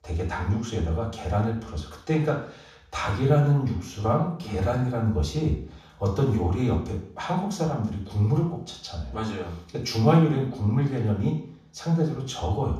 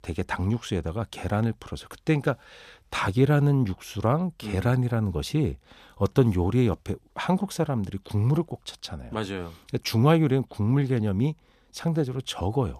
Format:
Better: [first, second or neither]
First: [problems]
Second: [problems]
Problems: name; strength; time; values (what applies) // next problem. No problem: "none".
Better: second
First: room echo; noticeable; dies away in 0.5 s // off-mic speech; far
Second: none